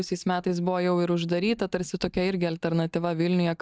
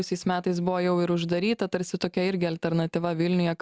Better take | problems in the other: second | noise reduction (neural mask model DeepFilterNet 3)

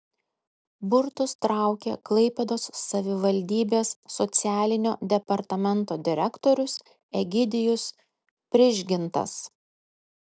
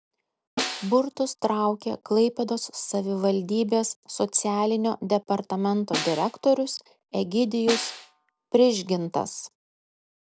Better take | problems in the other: first | background sound (Snare drum); 10 dB below the speech

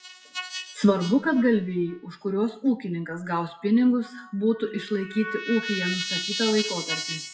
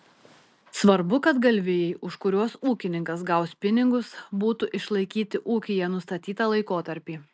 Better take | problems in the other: second | noise reduction (classical method WPE with log-MMSE)

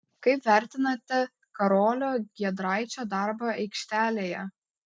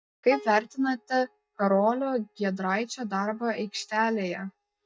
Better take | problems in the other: first | noise reduction (neural mask model DeepFilterNet 3)

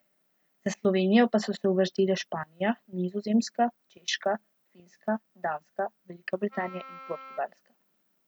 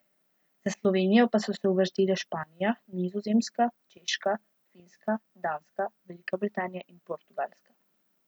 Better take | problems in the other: second | background sound (Wind instrument, woodwind instrument); 17 dB below the speech

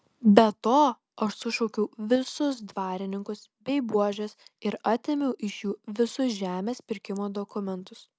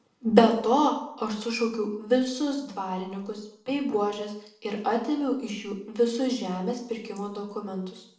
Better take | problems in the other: first | room echo; dies away in 0.6 s

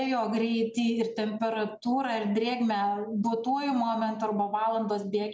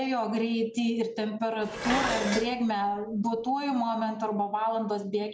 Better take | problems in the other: first | background sound (Dishes, pots, and pans); 5 dB below the speech

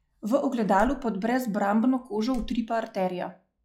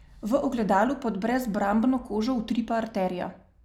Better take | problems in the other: second | noise reduction (classical method log-MMSE)

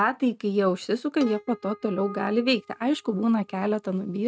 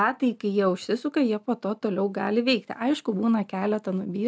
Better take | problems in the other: second | noise reduction (neural mask model RNNoise)

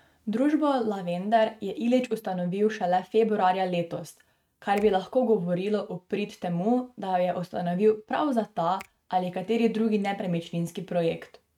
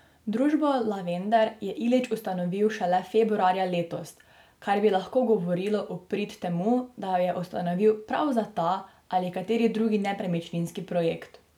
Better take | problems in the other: second | noise reduction (neural mask model RNNoise)

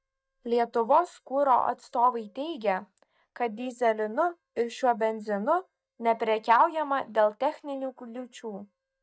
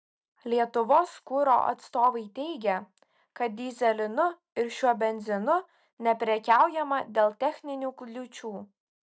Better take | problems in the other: second | noise reduction (neural mask model DeepFilterNet 3)

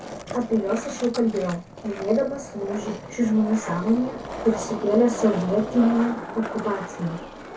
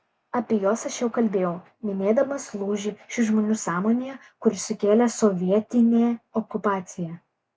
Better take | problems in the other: second | background sound (Skateboard); 10 dB below the speech // room echo; dies away in 0.2 s

